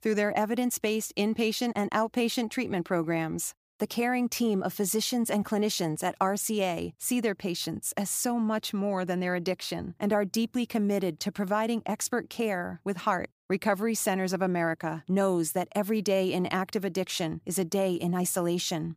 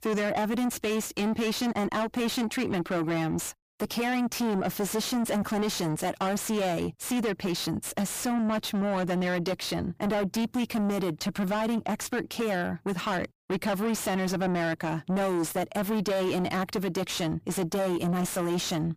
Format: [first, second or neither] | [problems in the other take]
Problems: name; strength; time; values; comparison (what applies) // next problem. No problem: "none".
first | distortion; heavy; 7 dB below the speech